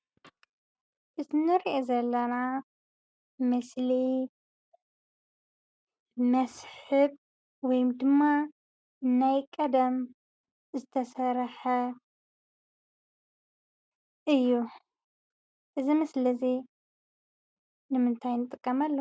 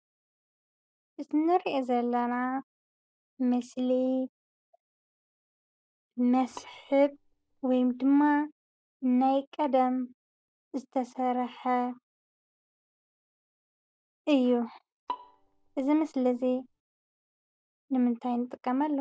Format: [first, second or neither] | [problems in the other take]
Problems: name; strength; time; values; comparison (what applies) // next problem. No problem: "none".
first | noise reduction (neural mask model DeepFilterNet 3)